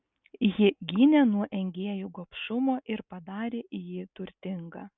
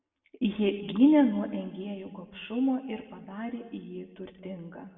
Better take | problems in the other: first | room echo; dies away in 1.3 s

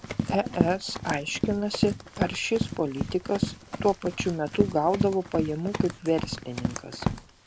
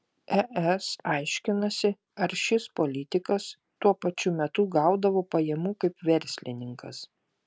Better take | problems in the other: second | background sound (Run); 3 dB below the speech

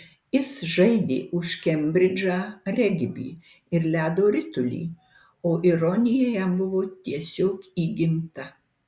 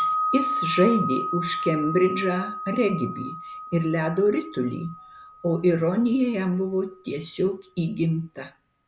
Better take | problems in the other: first | background sound (Wind chime); 7 dB below the speech

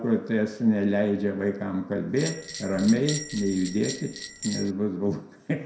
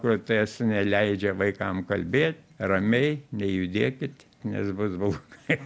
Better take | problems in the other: second | background sound (Bell); 11 dB below the speech // room echo; dies away in 0.6 s

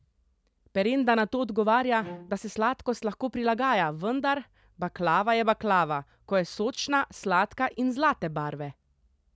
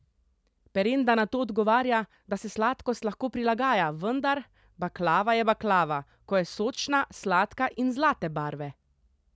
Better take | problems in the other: second | background sound (Bowed string instrument); 18 dB below the speech

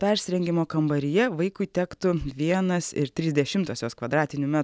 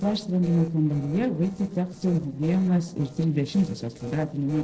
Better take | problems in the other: first | noise reduction (neural separator model SepFormer DNS4)

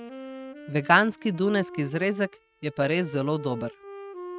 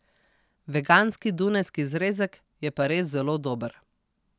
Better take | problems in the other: second | noise reduction (neural mask model RNNoise)

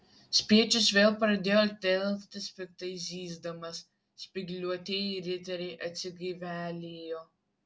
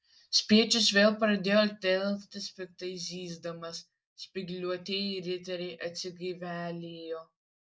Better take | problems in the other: first | noise reduction (neural mask model Resemble Enhance denoiser)

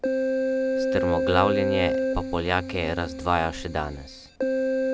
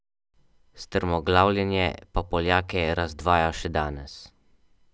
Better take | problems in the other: second | background sound (Keyboard (musical)); 2 dB above the speech

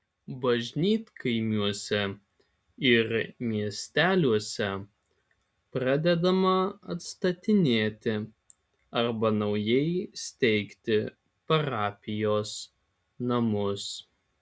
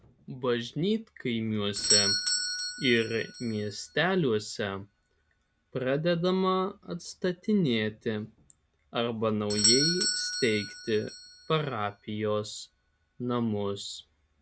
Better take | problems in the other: first | background sound (Doorbell); 4 dB below the speech

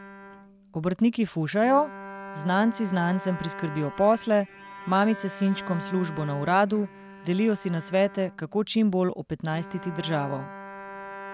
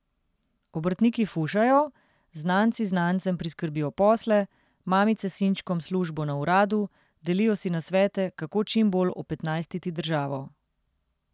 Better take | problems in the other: second | background sound (Bowed string instrument); 15 dB below the speech

